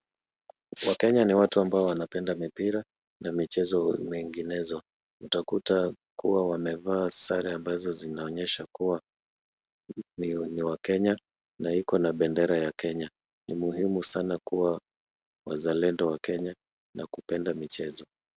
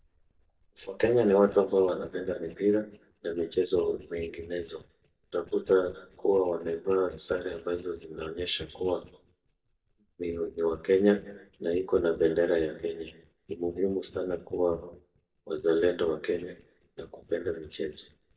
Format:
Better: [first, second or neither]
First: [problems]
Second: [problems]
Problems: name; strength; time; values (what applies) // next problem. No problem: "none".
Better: first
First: none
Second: noise reduction (neural mask model DeepFilterNet 3)